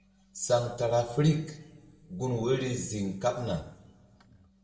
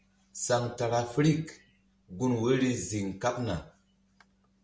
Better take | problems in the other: second | room echo; dies away in 1.4 s

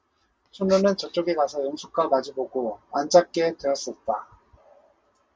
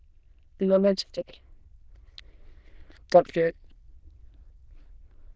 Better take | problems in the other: first | noise reduction (neural diffusion model UNIVERSE++)

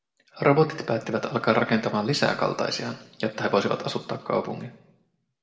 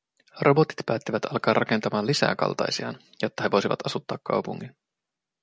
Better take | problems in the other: second | room echo; dies away in 0.7 s

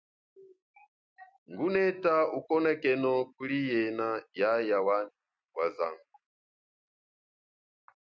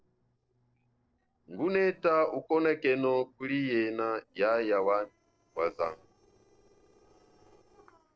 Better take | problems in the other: first | noise reduction (neural separator model SepFormer DNS4)

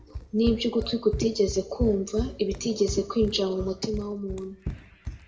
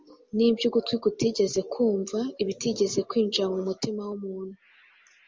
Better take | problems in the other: second | background sound (Run); 9 dB below the speech // room echo; dies away in 0.5 s

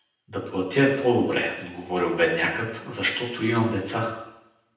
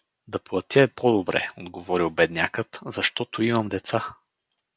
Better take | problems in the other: second | room echo; dies away in 0.9 s

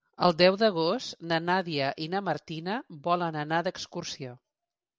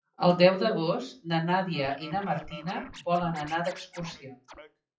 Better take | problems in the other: first | noise reduction (classical method WPE with log-MMSE)

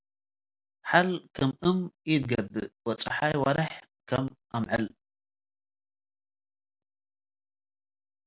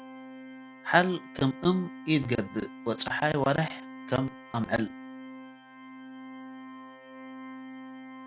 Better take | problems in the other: first | background sound (Organ); 13 dB below the speech

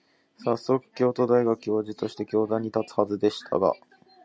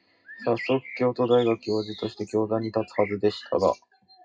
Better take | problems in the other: first | noise reduction (classical method WPE with log-MMSE)

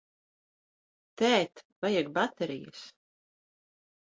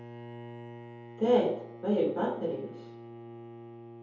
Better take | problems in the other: first | background sound (Bowed string instrument); 13 dB below the speech // room echo; dies away in 0.7 s

